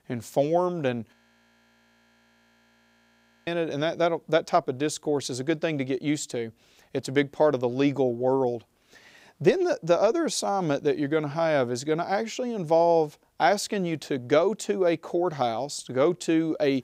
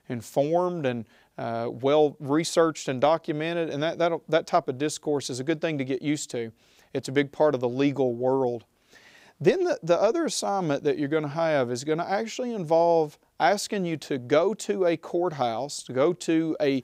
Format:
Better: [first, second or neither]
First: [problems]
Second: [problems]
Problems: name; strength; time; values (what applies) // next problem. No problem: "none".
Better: second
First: audio freezing; at 1 s for 2.5 s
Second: none